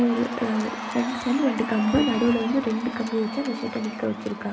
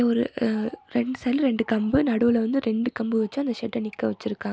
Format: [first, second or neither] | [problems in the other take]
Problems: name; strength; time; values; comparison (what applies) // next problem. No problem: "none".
second | background sound (Cheering); 10 dB below the speech // room echo; dies away in 2.5 s